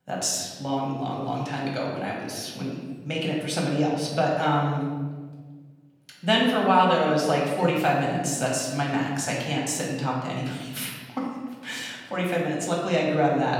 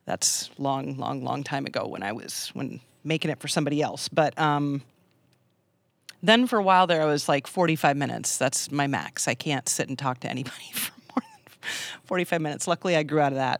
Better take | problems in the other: second | room echo; noticeable; dies away in 1.4 s // off-mic speech; far

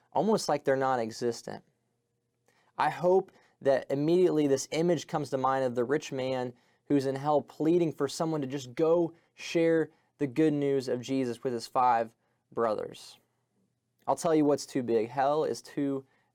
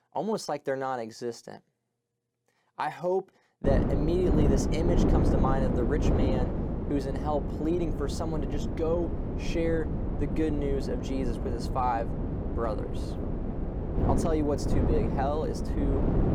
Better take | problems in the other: first | wind noise on the microphone; heavy; from 3.5 s on; 3 dB below the speech

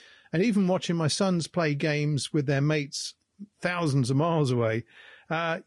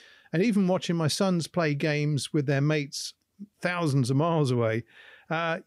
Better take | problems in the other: second | garbled, watery; slightly; nothing above 10 kHz

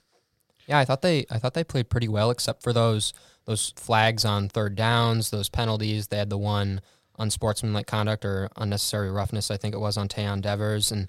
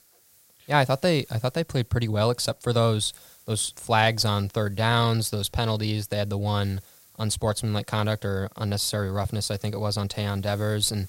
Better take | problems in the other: first | hiss; faint; throughout; 25 dB below the speech

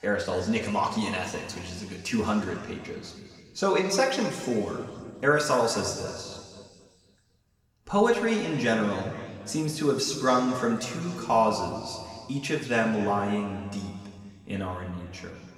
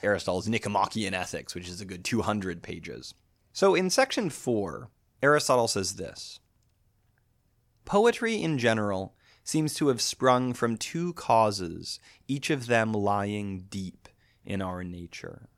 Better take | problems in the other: second | room echo; noticeable; dies away in 2.1 s // off-mic speech; somewhat distant

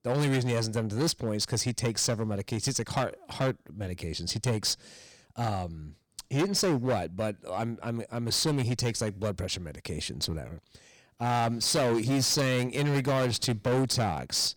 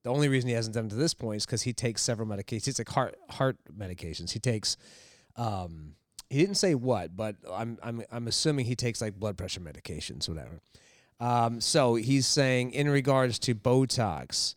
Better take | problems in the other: second | distortion; heavy; 11% of the sound clipped

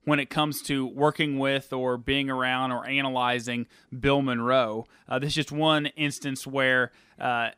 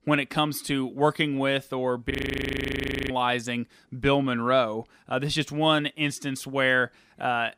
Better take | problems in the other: first | audio freezing; at 2 s for 1 s

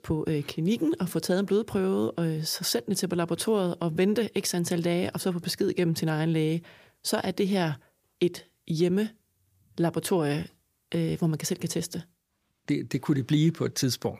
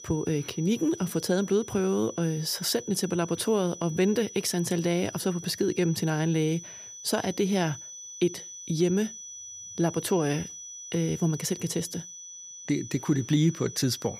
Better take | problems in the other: first | high-pitched whine; noticeable; throughout; 6 kHz, 15 dB below the speech

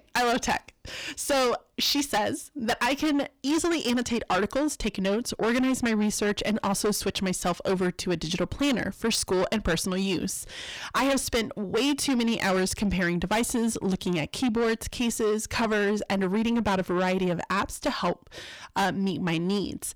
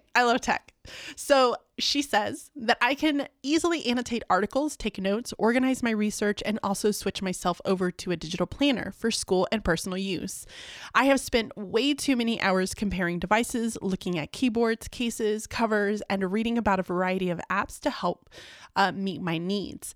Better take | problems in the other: second | distortion; heavy; 7 dB below the speech

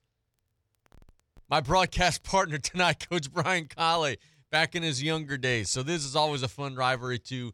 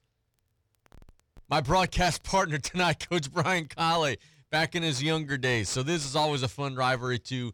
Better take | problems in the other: first | distortion; slight; 10 dB below the speech

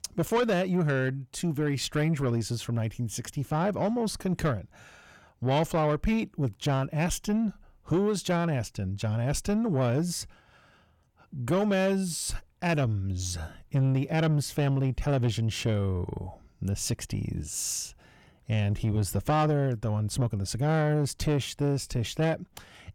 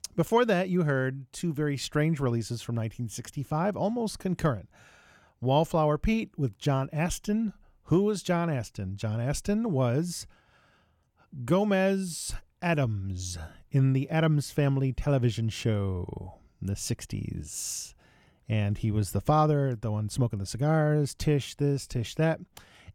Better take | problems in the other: second | distortion; slight; 10 dB below the speech

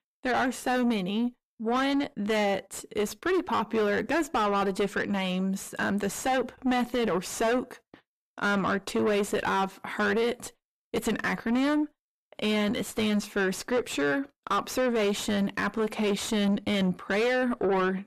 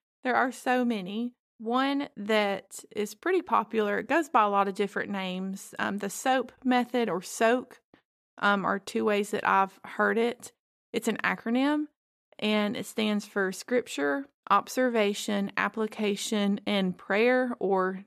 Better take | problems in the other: second | distortion; heavy; 5 dB below the speech

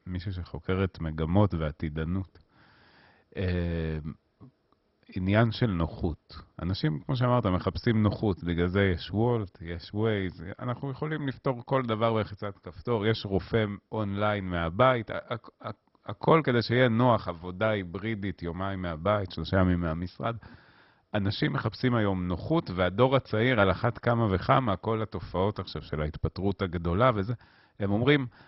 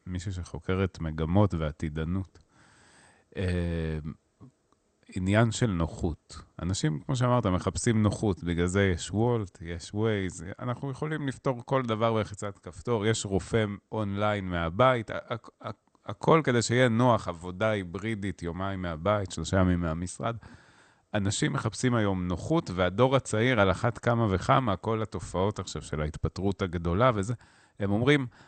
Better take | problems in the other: second | garbled, watery; badly; nothing above 5.5 kHz; slightly in the second

